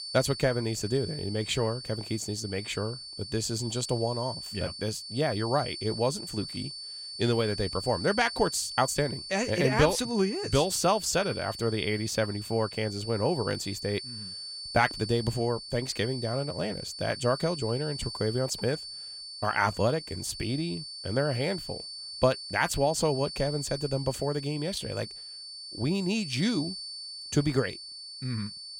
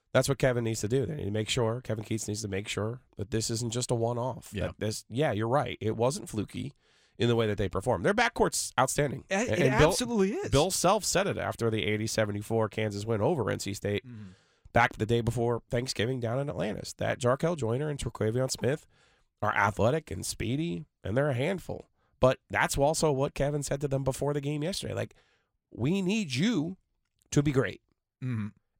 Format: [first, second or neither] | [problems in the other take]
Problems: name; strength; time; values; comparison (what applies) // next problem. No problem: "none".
second | high-pitched whine; loud; throughout; 4.5 kHz, 8 dB below the speech